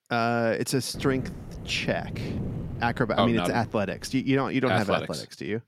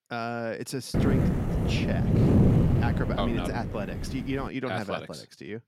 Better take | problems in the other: first | wind noise on the microphone; heavy; from 1 to 4.5 s; 1 dB above the speech; occasional gusts in the first

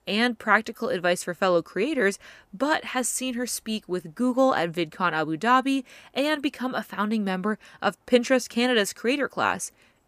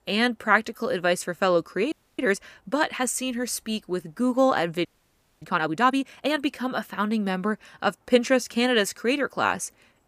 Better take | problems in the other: first | audio freezing; at 2 s and at 5 s for 0.5 s

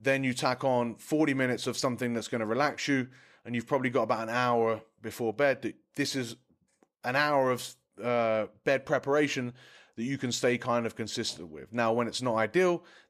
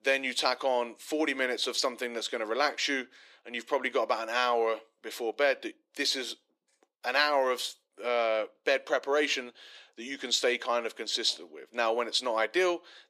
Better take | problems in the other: first | thin; somewhat; fading below 350 Hz

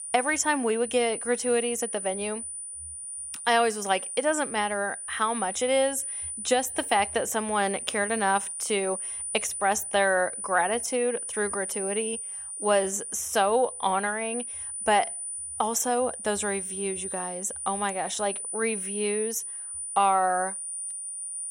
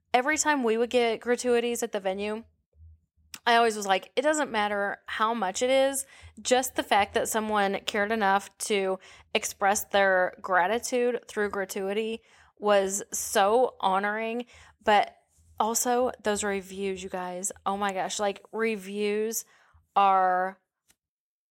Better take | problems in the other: second | high-pitched whine; loud; throughout; 9.5 kHz, 5 dB below the speech

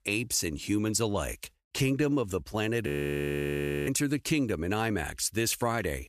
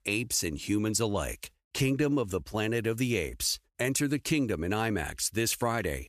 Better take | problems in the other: second | audio freezing; at 3 s for 1 s

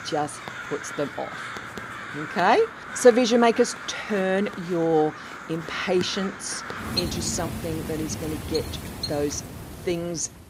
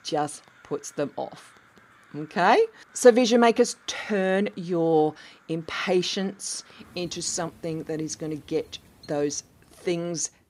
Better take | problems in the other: second | animal sounds; loud; throughout; 9 dB below the speech; faint in the second

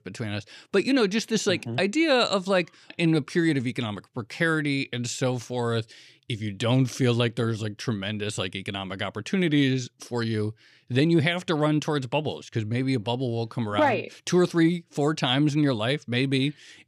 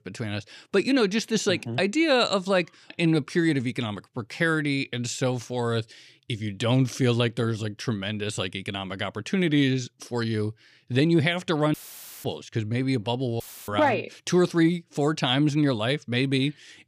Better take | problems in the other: first | audio cutting out; filled with static; at 12 s for 0.5 s and at 13 s

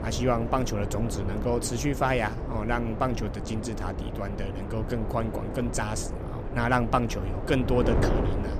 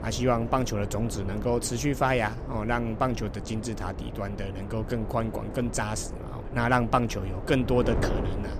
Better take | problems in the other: second | wind noise on the microphone; heavy; 7 dB below the speech; occasional gusts in the second

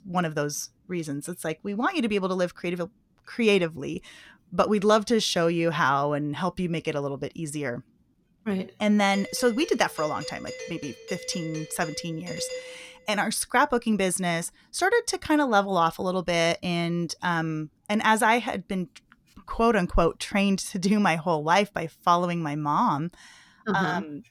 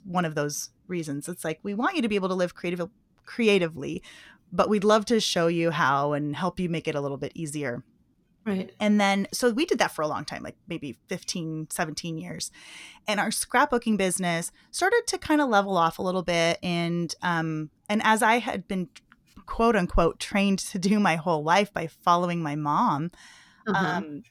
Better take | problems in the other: second | doorbell; noticeable; from 9 to 13 s; peak 10 dB below the speech

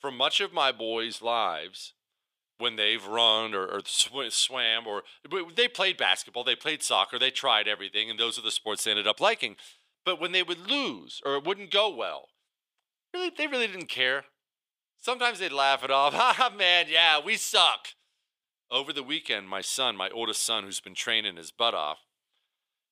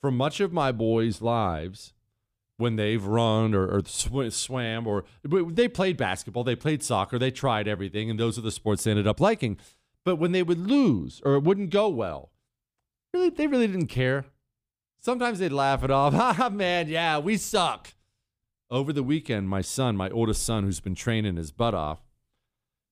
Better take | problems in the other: second | thin; very; fading below 650 Hz

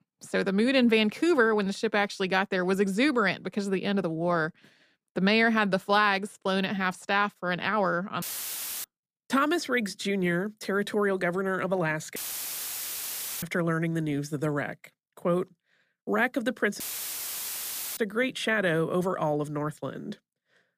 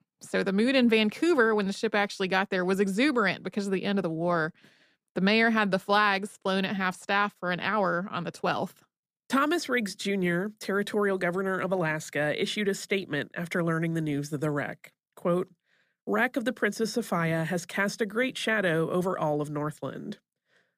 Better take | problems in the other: second | audio cutting out; filled with static; at 8 s for 0.5 s, at 12 s for 1.5 s and at 17 s for 1 s

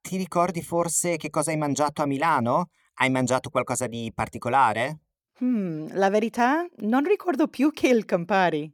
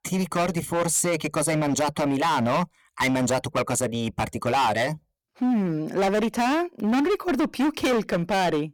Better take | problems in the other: first | distortion; heavy; 21% of the sound clipped

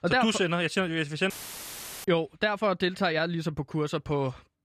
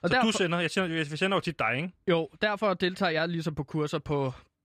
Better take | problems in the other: second | audio cutting out; filled with static; at 1.5 s for 0.5 s

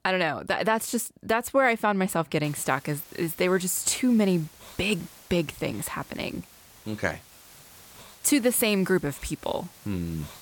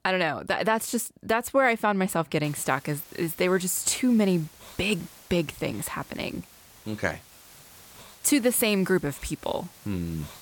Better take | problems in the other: neither | hiss; faint; from 2.5 s on; 20 dB below the speech; the same in both

